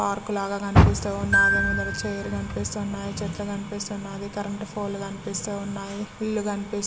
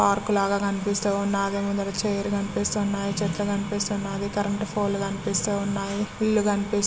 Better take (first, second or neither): second